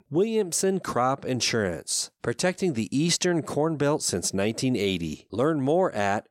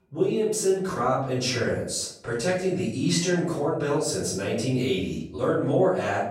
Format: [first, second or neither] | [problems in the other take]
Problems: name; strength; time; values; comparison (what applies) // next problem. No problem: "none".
first | off-mic speech; far // room echo; noticeable; dies away in 0.6 s